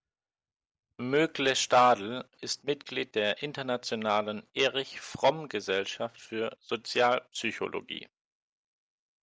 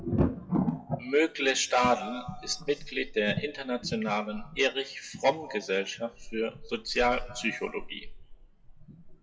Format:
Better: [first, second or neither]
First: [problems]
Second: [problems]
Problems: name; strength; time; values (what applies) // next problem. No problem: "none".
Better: first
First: none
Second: noise reduction (classical method WPE with log-MMSE)